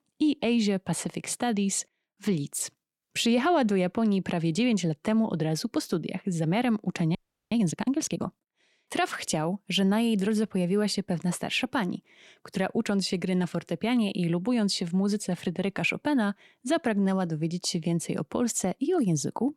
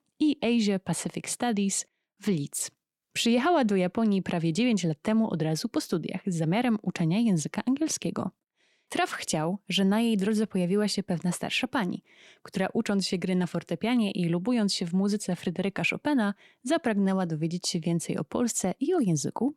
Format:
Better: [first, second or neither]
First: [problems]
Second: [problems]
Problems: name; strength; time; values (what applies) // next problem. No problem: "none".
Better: second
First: audio freezing; at 7 s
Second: none